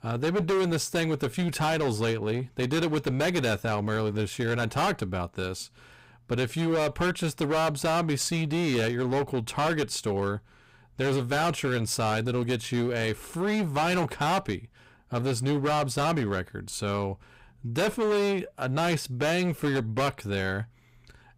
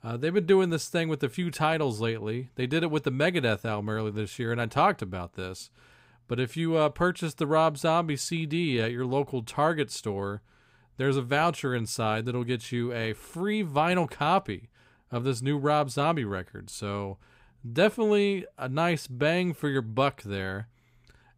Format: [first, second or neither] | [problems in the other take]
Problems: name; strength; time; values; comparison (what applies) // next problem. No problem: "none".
second | distortion; heavy; 18% of the sound clipped